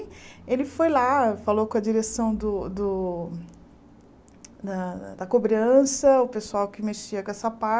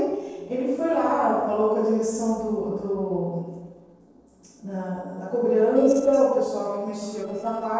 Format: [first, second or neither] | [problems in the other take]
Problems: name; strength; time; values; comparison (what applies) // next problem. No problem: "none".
first | noise reduction (neural separator model SepFormer DNS4)